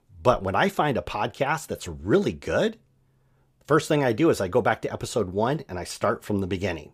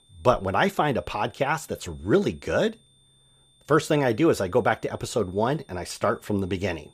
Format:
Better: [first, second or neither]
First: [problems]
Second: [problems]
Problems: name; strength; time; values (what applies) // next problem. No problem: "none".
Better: first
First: none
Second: high-pitched whine; faint; throughout; 3.5 kHz, 35 dB below the speech